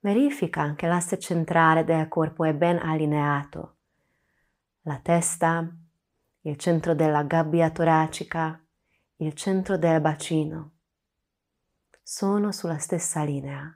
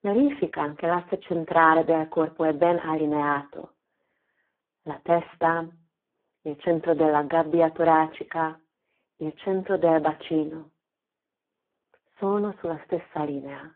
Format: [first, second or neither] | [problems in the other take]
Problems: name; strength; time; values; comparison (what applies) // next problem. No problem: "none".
first | phone-call audio; poor line